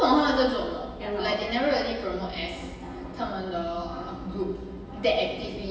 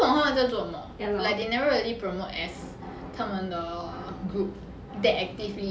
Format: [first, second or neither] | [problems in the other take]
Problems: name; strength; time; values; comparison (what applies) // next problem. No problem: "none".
second | room echo; dies away in 1.2 s